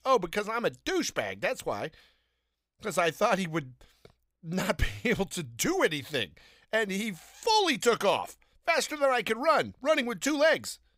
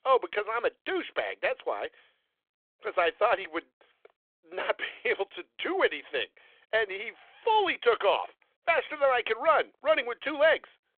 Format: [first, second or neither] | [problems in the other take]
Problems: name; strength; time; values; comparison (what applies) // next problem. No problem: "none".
first | phone-call audio